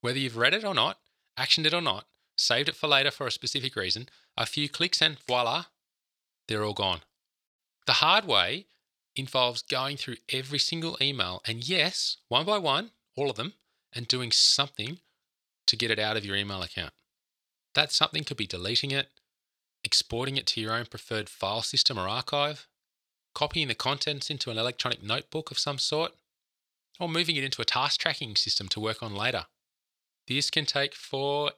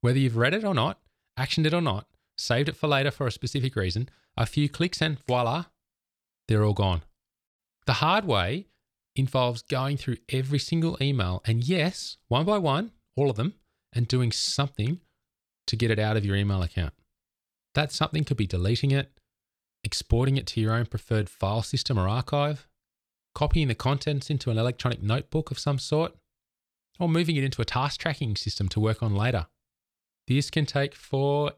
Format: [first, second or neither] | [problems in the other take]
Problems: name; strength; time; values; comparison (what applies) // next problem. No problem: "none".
second | thin; somewhat; fading below 650 Hz